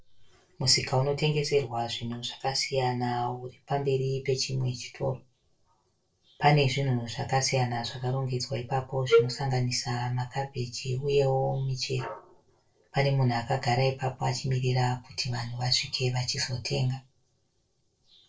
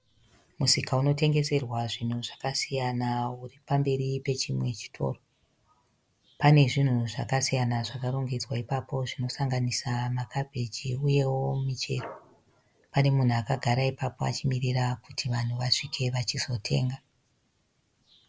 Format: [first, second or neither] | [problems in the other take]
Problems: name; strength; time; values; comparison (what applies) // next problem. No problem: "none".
second | noise reduction (neural separator model SepFormer DNS4)